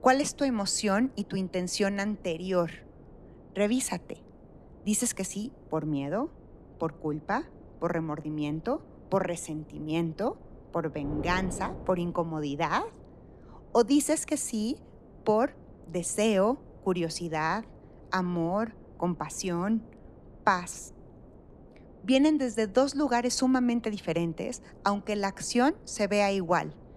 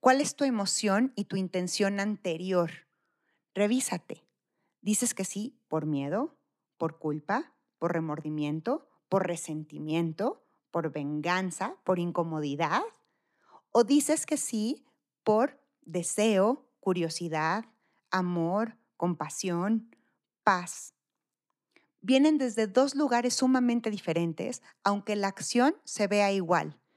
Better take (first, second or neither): second